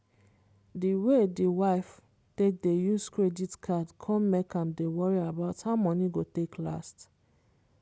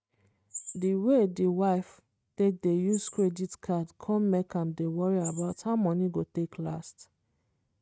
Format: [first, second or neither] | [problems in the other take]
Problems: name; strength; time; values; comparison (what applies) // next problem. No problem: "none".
first | noise reduction (neural mask model RNNoise)